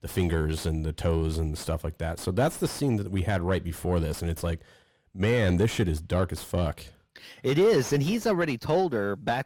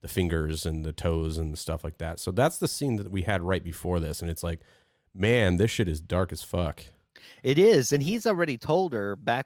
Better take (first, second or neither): second